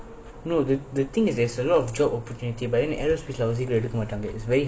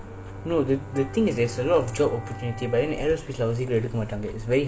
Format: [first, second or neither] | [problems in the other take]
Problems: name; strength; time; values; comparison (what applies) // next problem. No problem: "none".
first | background sound (Wind instrument, woodwind instrument + Bowed string instrument); 15 dB below the speech